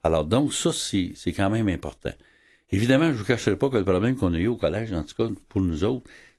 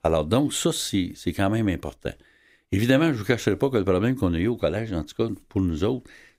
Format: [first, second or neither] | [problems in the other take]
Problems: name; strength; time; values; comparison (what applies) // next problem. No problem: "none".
second | garbled, watery; slightly; nothing above 11 kHz